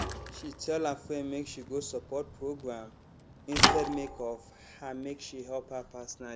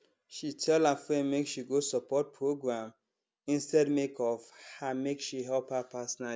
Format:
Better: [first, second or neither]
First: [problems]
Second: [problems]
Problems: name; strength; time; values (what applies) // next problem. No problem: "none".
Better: second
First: background sound (Thump, thud / Bicycle); 1 dB above the speech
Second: none